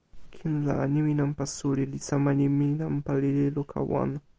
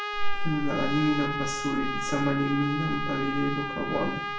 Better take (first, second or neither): first